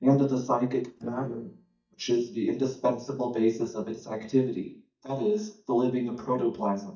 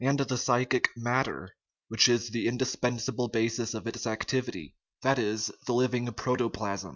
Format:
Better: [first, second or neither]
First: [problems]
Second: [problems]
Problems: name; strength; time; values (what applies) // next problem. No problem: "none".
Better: second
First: noise reduction (neural mask model DeepFilterNet 3)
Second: none